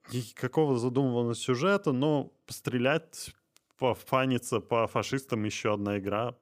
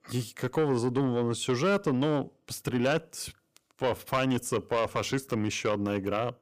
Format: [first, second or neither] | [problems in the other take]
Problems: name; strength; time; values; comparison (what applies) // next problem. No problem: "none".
first | distortion; slight; 10 dB below the speech